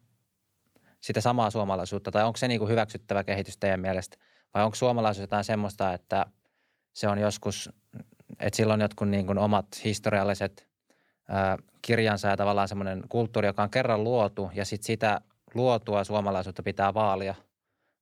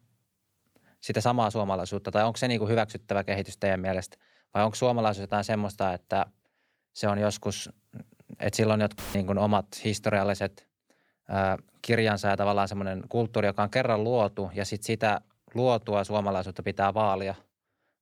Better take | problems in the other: first | audio cutting out; filled with static; at 9 s

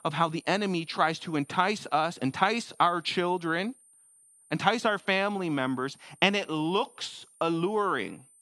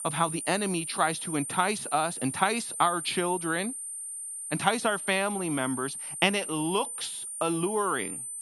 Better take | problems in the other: first | high-pitched whine; loud; throughout; 9 kHz, 5 dB below the speech; faint in the first

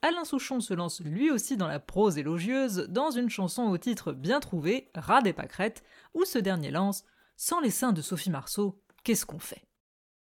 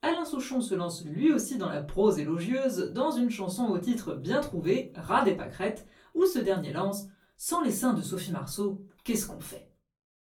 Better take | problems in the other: first | off-mic speech; far // room echo; very slight; dies away in 0.3 s

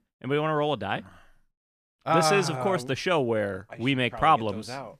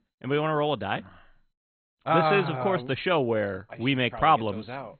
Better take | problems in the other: first | garbled, watery; badly; nothing above 3.5 kHz

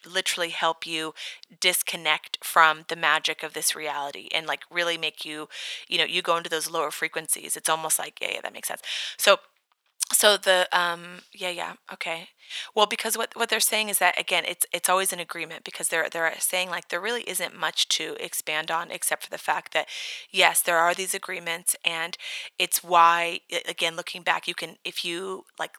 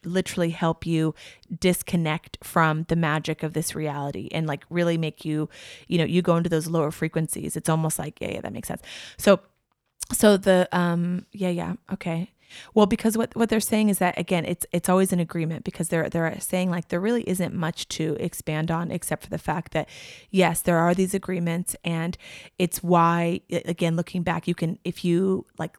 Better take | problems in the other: second | thin; very; fading below 850 Hz

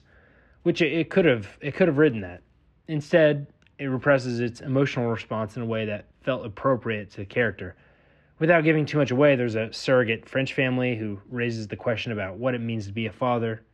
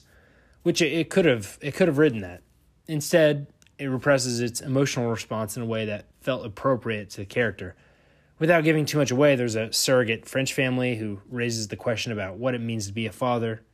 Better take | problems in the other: second | muffled; slightly; fading above 2.5 kHz

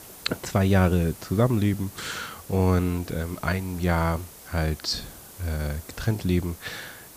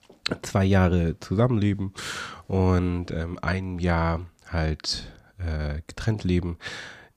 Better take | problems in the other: second | hiss; noticeable; throughout; 15 dB below the speech

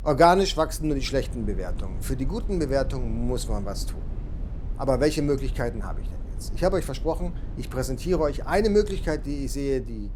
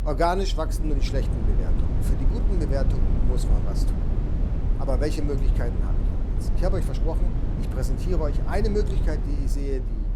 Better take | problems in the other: first | low rumble; loud; throughout; 8 dB below the speech; faint in the first

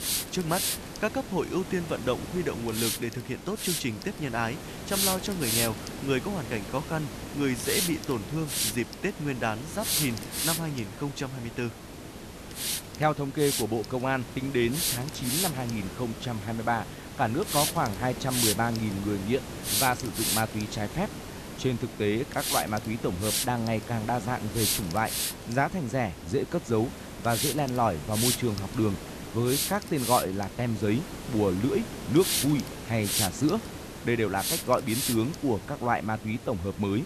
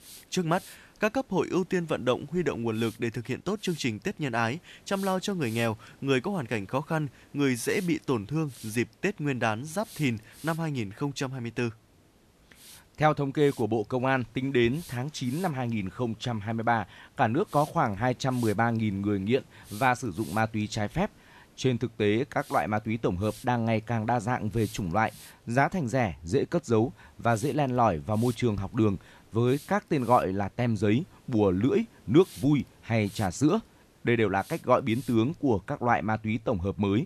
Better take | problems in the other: second | hiss; loud; throughout; 2 dB below the speech; faint in the second

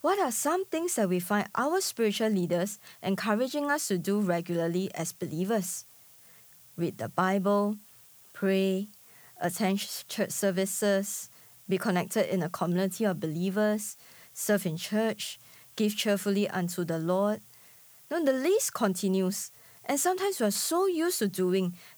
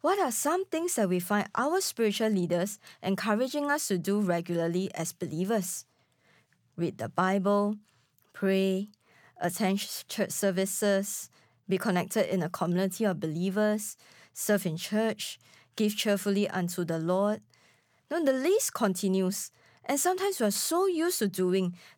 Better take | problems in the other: second | hiss; faint; throughout; 25 dB below the speech

